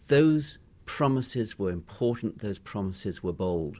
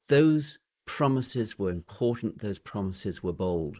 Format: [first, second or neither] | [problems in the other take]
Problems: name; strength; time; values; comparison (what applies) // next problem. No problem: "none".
first | noise reduction (neural mask model Resemble Enhance denoiser)